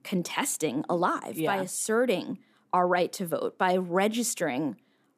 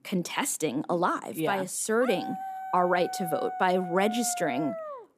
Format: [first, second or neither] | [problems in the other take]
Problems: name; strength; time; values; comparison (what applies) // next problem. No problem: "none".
first | dog barking; noticeable; from 2 s on; peak 7 dB below the speech